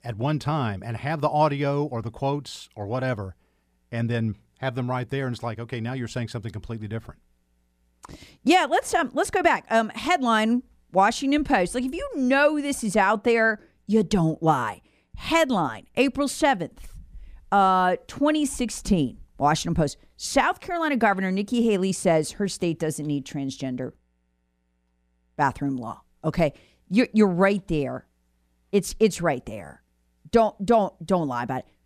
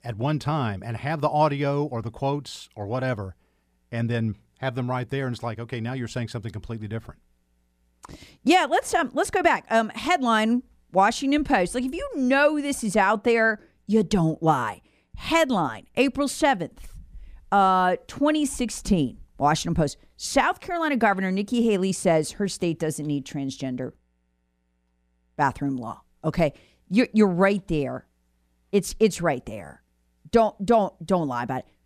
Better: neither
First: none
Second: none

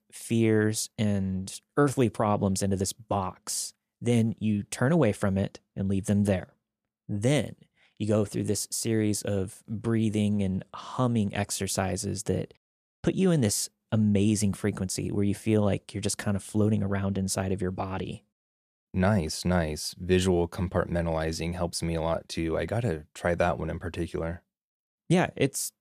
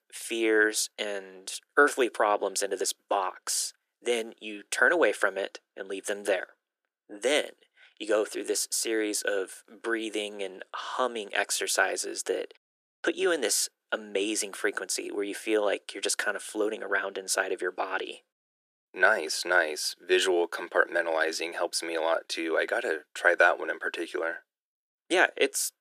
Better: first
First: none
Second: thin; very; fading below 350 Hz

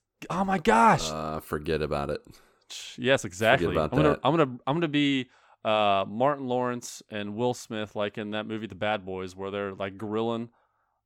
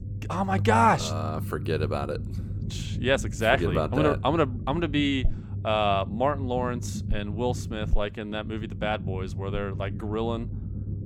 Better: first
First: none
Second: low rumble; noticeable; throughout; 20 dB below the speech

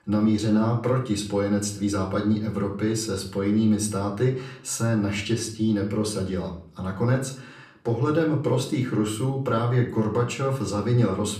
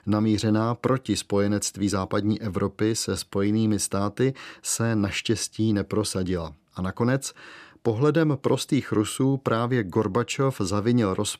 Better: second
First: room echo; slight; dies away in 0.5 s // off-mic speech; far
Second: none

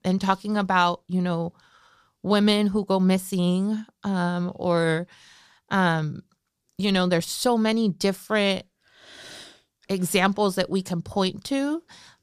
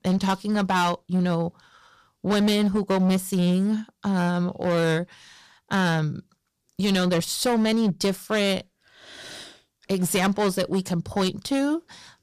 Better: first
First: none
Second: distortion; slight; 10% of the sound clipped

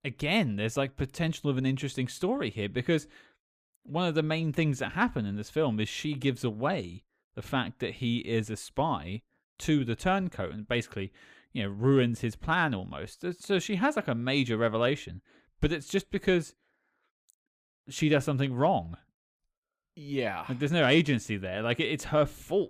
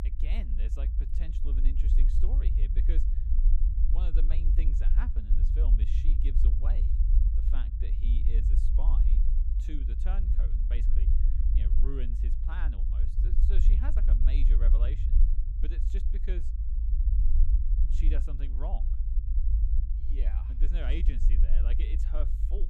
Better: first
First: none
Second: low rumble; loud; throughout; 3 dB below the speech

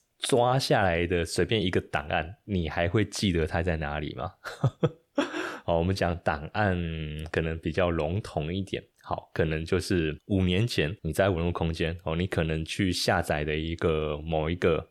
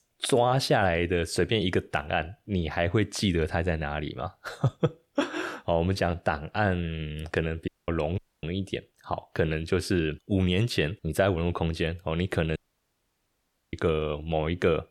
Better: first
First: none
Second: audio cutting out; at 7.5 s, at 8 s and at 13 s for 1 s

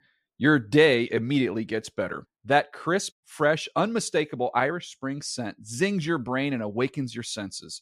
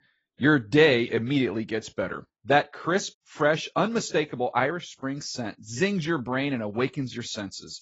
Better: first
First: none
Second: garbled, watery; badly; nothing above 7.5 kHz

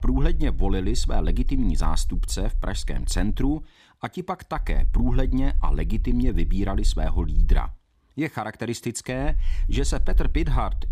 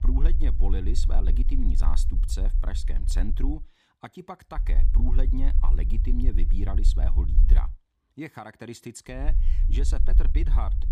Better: first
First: low rumble; faint; until 3.5 s, from 4.5 to 7.5 s and from 9 s on; 20 dB below the speech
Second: low rumble; loud; until 3.5 s, from 4.5 to 7.5 s and from 9 s on; 8 dB below the speech

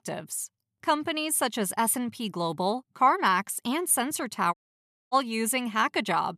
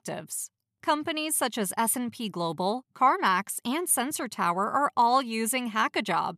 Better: second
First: audio cutting out; at 4.5 s for 0.5 s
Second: none

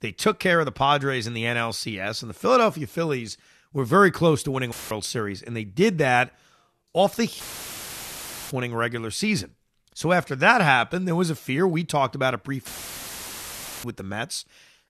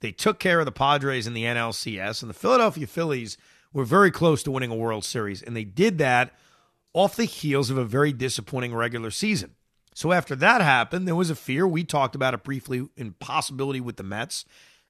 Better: second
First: audio cutting out; filled with static; at 4.5 s, at 7.5 s for 1 s and at 13 s for 1 s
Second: none

